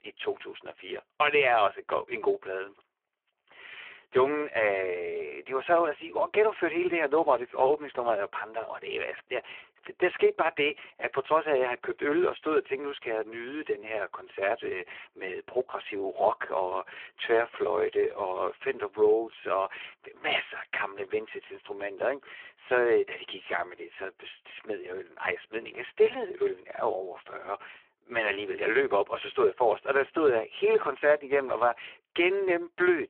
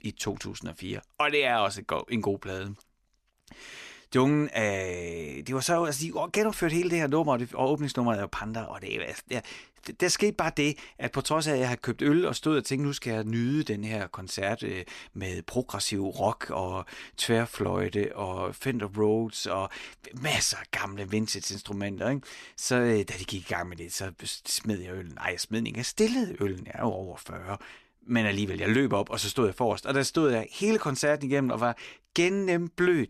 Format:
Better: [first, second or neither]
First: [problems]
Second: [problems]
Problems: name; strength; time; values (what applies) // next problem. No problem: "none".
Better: second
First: phone-call audio; poor line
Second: none